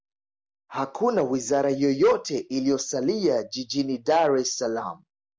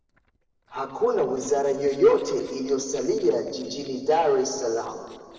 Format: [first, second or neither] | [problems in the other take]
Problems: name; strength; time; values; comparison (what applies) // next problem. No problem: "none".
first | noise reduction (neural separator model SepFormer DNS4)